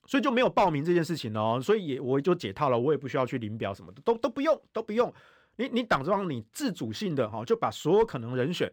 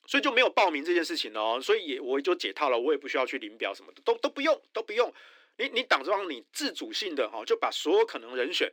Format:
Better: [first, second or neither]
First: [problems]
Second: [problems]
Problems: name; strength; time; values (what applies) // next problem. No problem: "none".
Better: first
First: none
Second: thin; somewhat; fading below 300 Hz